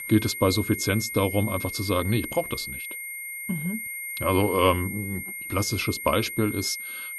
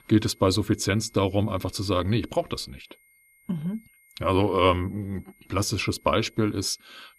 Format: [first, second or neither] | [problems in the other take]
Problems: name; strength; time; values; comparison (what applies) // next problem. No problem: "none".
second | high-pitched whine; loud; throughout; 2 kHz, 6 dB below the speech; faint in the second